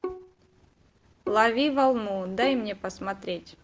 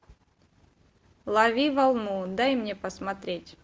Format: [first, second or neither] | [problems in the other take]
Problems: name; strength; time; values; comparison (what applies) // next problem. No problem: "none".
second | background sound (Bowed string instrument); 13 dB below the speech